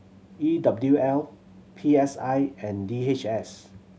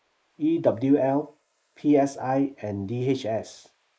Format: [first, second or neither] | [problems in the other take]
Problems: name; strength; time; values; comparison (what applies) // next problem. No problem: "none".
first | noise reduction (neural mask model Resemble Enhance denoiser)